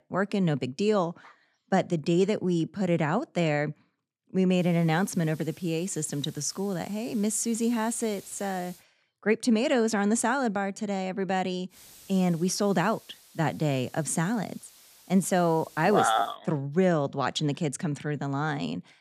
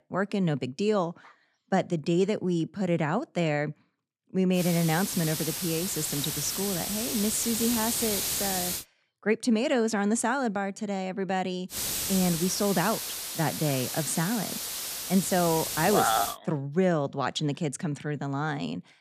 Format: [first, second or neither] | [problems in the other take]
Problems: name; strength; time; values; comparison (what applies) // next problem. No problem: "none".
first | hiss; loud; from 4.5 to 9 s and from 12 to 16 s; 2 dB below the speech; faint in the first